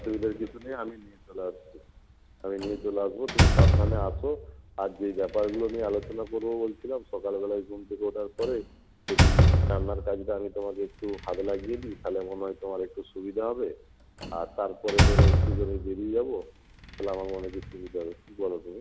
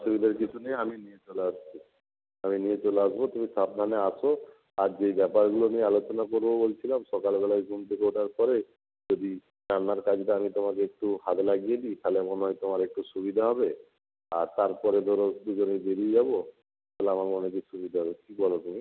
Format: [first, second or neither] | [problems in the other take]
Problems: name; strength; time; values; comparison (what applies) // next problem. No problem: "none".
second | background sound (Slam); 4 dB above the speech